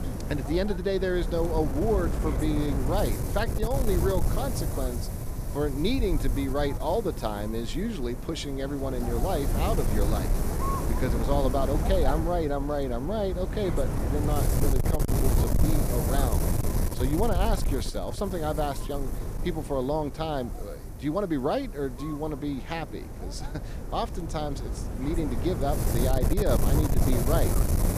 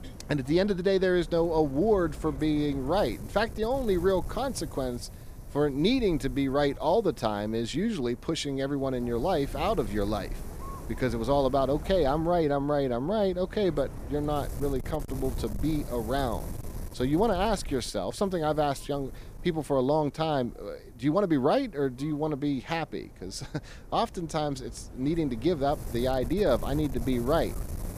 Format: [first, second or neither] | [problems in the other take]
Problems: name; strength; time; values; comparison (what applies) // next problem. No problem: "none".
second | wind noise on the microphone; heavy; 6 dB below the speech; occasional gusts in the second